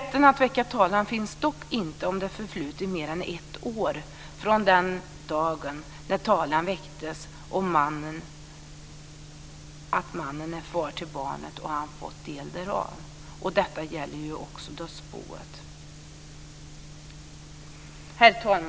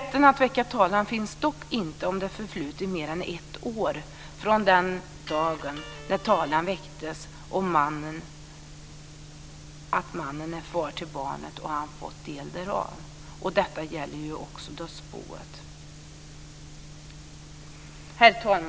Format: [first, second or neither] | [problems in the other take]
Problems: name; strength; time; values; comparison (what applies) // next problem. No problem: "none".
first | background sound (Electric guitar); 17 dB below the speech